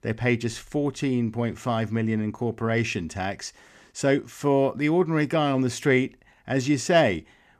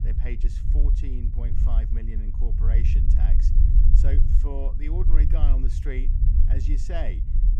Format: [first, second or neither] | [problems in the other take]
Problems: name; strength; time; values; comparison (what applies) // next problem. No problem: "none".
first | low rumble; loud; throughout; 3 dB below the speech